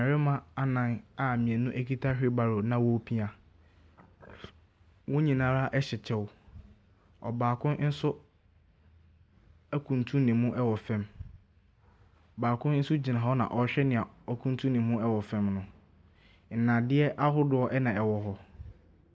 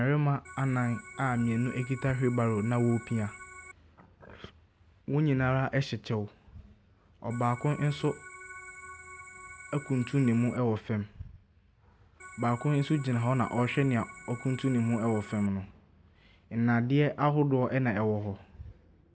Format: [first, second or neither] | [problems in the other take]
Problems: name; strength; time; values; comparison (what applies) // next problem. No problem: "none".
first | background sound (Organ); 16 dB below the speech